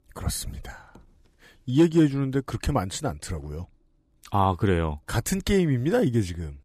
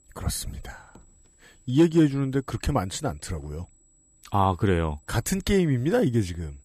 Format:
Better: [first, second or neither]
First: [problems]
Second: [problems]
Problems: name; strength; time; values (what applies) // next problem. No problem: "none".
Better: first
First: none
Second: high-pitched whine; faint; throughout; 8 kHz, 35 dB below the speech